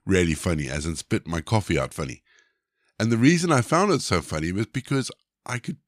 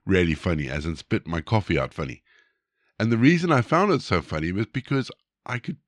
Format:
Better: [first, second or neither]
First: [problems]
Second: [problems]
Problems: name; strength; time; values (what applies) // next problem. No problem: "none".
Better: first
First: none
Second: muffled; very slightly; fading above 3 kHz